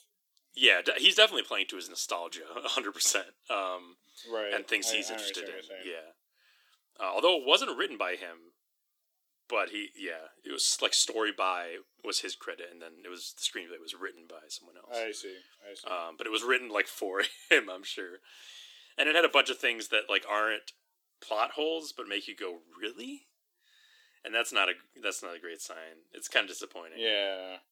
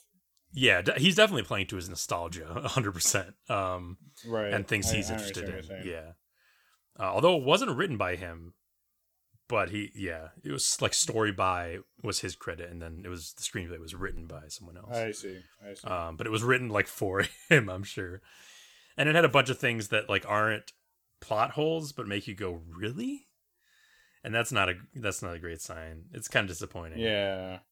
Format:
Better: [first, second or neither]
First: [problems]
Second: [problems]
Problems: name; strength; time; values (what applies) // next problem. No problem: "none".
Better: second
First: thin; somewhat; fading below 300 Hz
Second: none